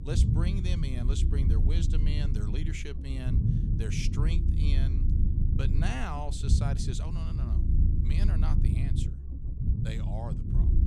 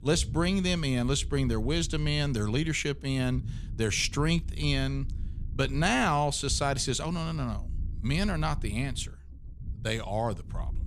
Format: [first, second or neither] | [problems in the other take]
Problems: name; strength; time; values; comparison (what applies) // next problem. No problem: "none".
second | low rumble; loud; throughout; 2 dB below the speech; faint in the second